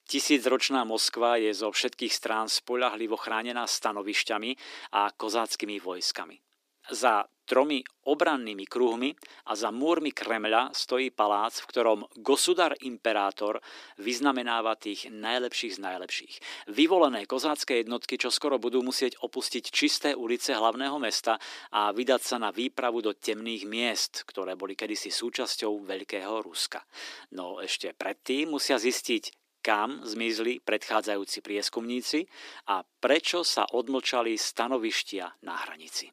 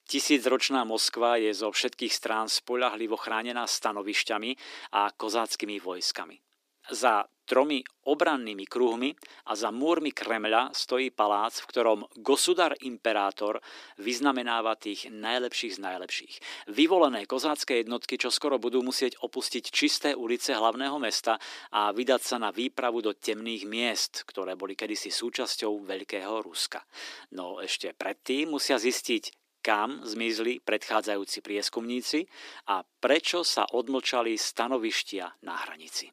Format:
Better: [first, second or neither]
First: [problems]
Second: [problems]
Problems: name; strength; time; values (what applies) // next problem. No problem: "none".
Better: neither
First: thin; somewhat; fading below 300 Hz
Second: thin; somewhat; fading below 300 Hz